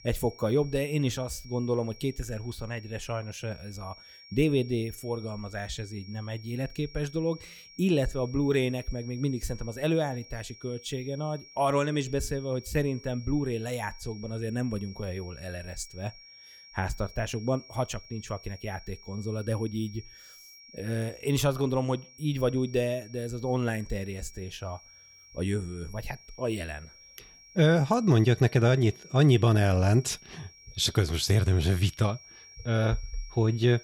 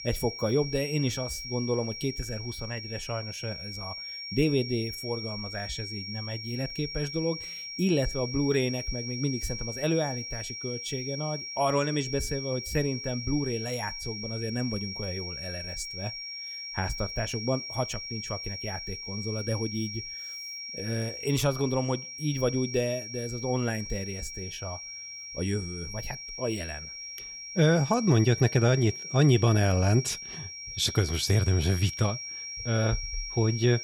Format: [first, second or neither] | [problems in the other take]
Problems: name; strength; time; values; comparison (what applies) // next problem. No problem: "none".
first | high-pitched whine; loud; throughout; 5.5 kHz, 7 dB below the speech; faint in the first